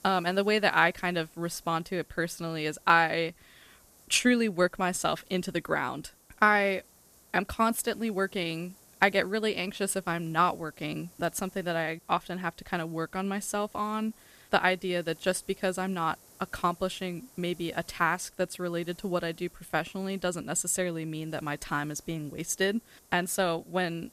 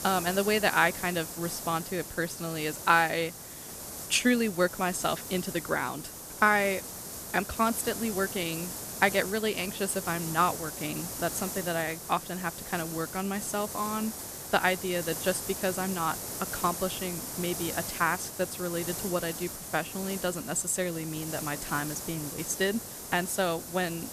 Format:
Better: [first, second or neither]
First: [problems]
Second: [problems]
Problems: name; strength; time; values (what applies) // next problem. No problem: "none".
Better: first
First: hiss; faint; throughout; 25 dB below the speech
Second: hiss; loud; throughout; 7 dB below the speech